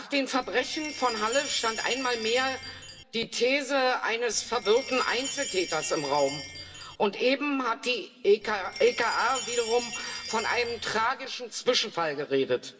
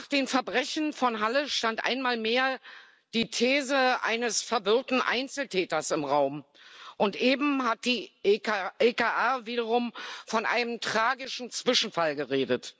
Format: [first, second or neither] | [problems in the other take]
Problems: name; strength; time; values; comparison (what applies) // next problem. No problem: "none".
second | background sound (Chime); 11 dB below the speech // room echo; dies away in 1.2 s